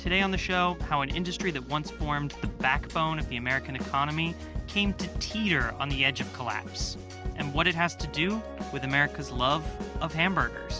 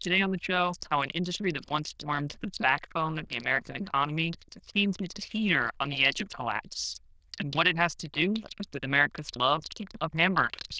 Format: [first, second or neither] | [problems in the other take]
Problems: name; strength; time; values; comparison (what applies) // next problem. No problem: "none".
first | noise reduction (neural diffusion model UNIVERSE++)